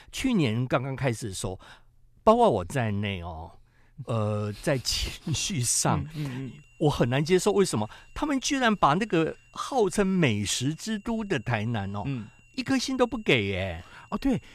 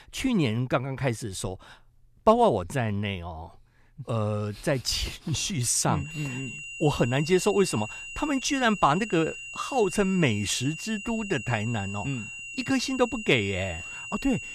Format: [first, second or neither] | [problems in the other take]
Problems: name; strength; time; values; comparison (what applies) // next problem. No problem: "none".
first | high-pitched whine; loud; from 6 s on; 3 kHz, 10 dB below the speech; faint in the first